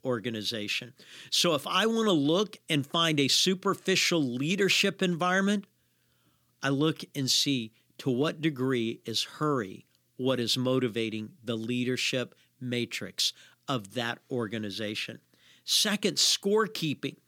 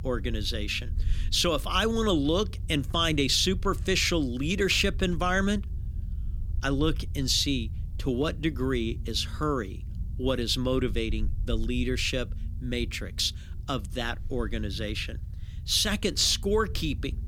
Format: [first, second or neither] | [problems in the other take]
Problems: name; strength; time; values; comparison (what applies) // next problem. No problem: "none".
first | low rumble; faint; throughout; 25 dB below the speech